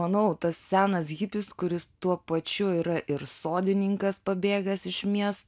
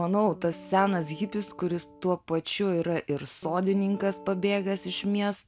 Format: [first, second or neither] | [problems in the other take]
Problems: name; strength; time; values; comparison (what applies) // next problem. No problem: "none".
first | background sound (Guitar); 19 dB below the speech